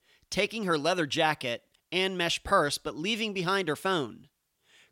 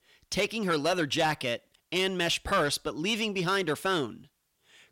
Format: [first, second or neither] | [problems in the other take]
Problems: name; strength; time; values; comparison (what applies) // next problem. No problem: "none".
first | distortion; slight; 10 dB below the speech